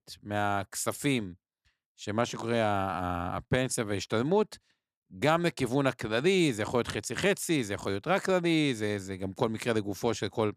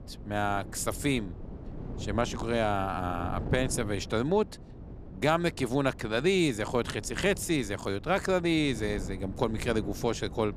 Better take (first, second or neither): first